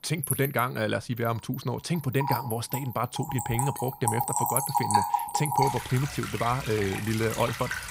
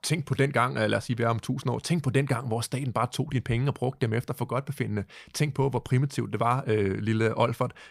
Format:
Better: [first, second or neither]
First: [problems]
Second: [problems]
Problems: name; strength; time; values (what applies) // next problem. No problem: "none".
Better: second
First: rain or running water; loud; throughout; 1 dB below the speech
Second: none